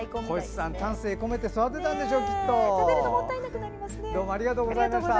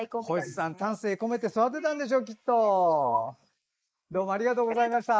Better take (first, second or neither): first